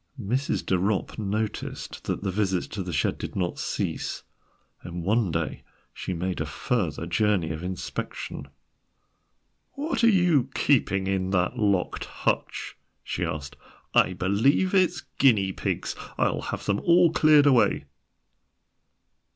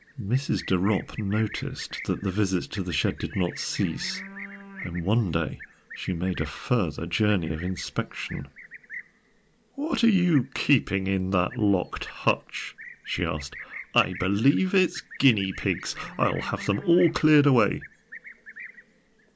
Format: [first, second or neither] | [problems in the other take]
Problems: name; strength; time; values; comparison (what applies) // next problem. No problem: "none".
first | background sound (Livestock, farm animals, working animals); 17 dB below the speech